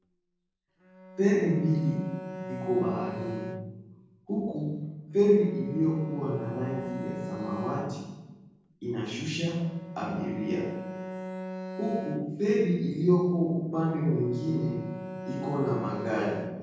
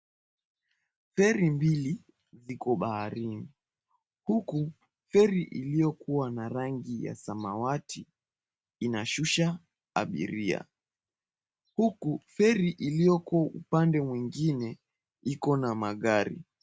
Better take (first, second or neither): second